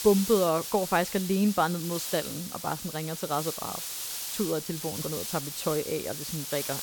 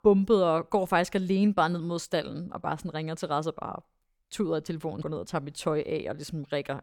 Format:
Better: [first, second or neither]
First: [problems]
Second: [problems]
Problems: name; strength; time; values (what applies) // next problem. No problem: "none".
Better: second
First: hiss; loud; throughout; 5 dB below the speech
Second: none